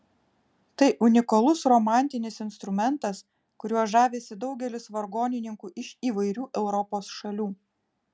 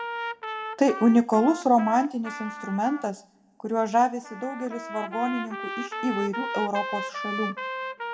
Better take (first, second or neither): first